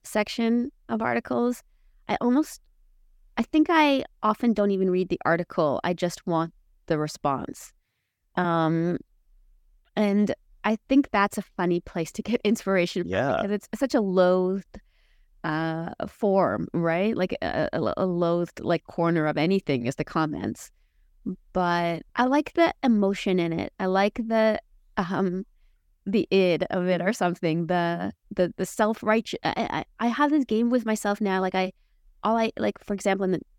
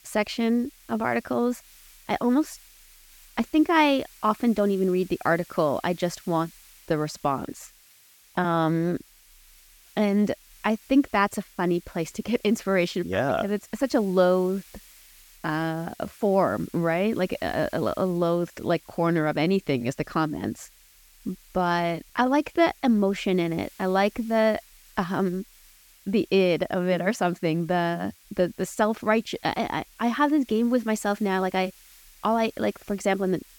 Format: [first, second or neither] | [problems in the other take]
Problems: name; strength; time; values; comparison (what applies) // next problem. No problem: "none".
first | hiss; faint; throughout; 25 dB below the speech